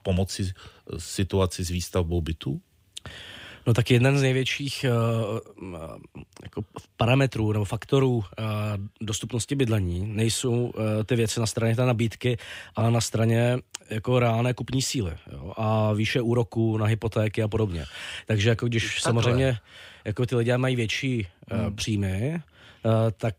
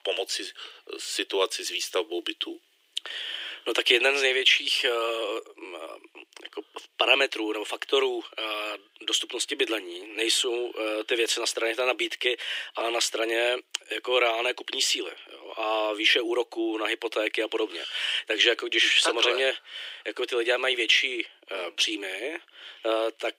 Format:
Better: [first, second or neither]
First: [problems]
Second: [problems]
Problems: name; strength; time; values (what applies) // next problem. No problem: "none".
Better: first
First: none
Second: thin; very; fading below 300 Hz